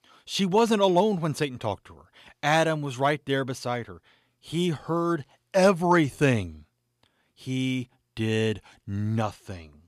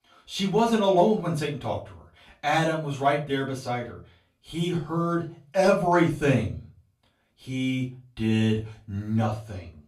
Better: first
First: none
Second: off-mic speech; far // room echo; slight; dies away in 0.3 s

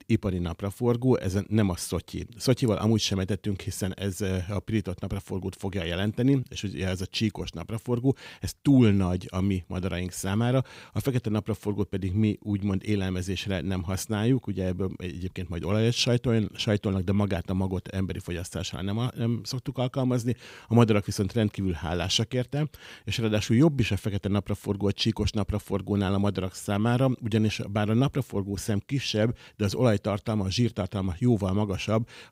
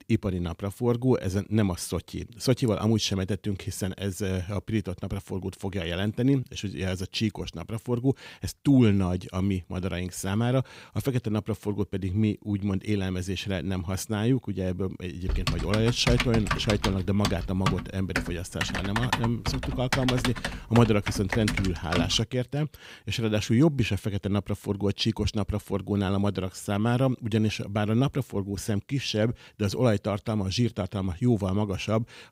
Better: first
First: none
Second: keyboard typing; noticeable; from 15 to 22 s; peak level with the speech

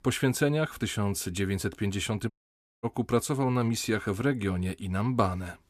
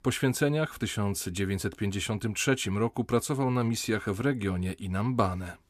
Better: second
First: audio cutting out; at 2.5 s for 0.5 s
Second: none

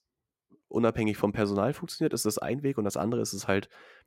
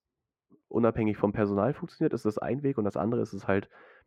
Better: first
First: none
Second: muffled; very; fading above 4 kHz

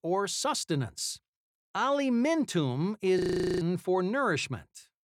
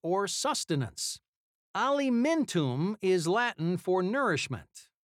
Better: second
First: audio freezing; at 3 s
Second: none

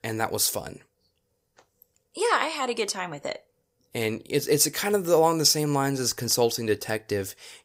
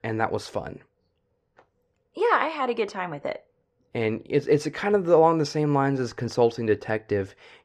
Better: first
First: none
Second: muffled; very; fading above 2 kHz

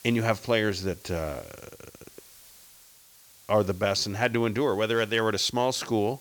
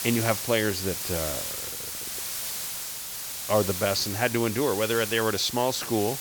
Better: first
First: hiss; faint; throughout; 25 dB below the speech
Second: hiss; loud; throughout; 5 dB below the speech

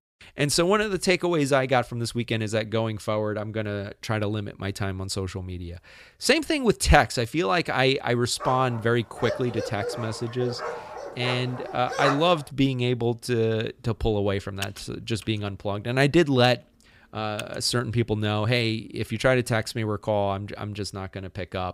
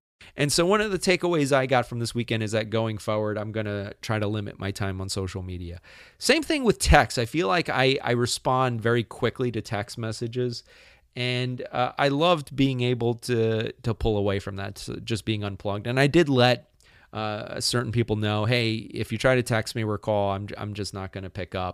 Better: second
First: dog barking; noticeable; from 8.5 to 12 s; peak 2 dB below the speech // keyboard typing; faint; from 15 to 17 s; peak 10 dB below the speech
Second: none

